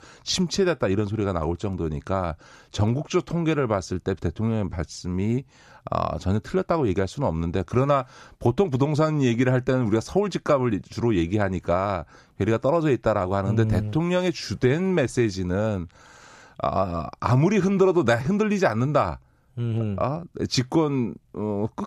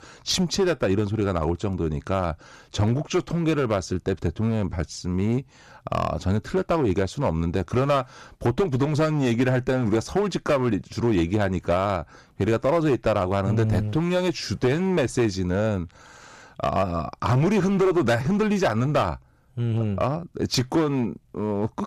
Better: first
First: none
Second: distortion; slight; 8% of the sound clipped

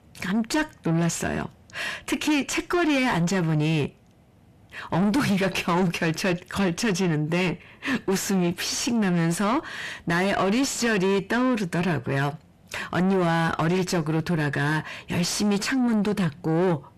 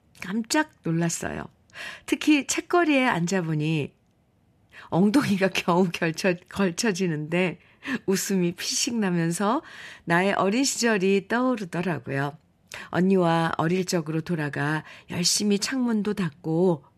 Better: second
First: distortion; heavy; 7 dB below the speech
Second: none

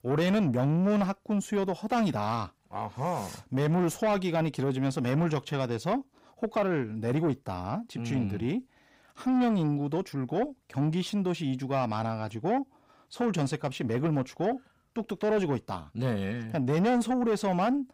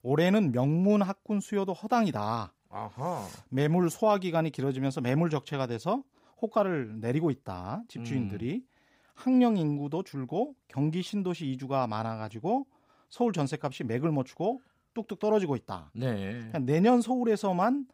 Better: second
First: distortion; slight; 10 dB below the speech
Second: none

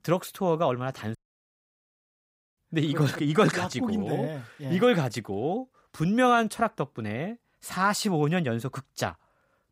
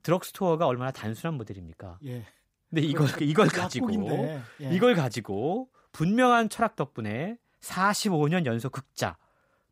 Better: second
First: audio cutting out; at 1 s for 1.5 s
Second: none

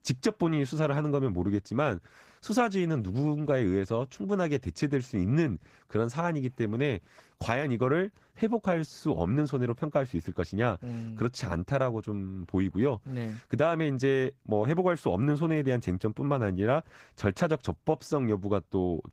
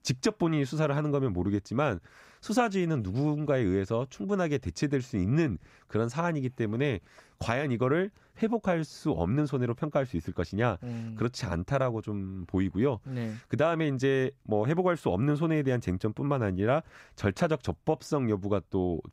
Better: second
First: garbled, watery; slightly; nothing above 15.5 kHz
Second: none

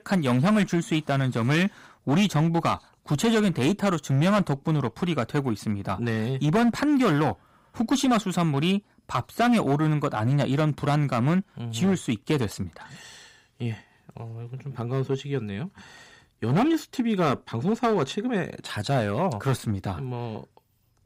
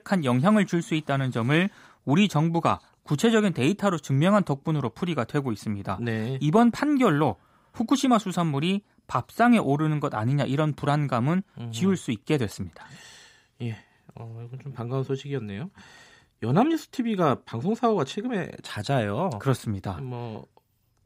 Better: second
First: distortion; slight; 7% of the sound clipped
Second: none

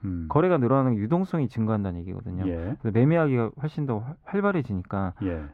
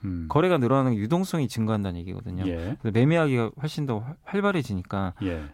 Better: second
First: muffled; very; fading above 3.5 kHz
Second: none

